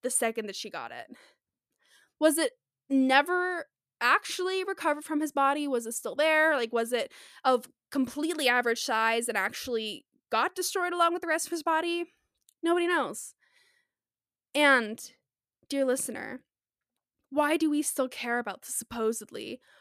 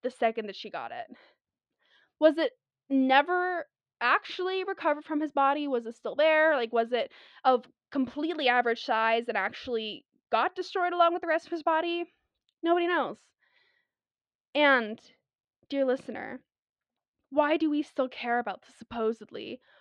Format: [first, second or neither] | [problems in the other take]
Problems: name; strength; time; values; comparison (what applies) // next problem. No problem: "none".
first | muffled; slightly; fading above 3.5 kHz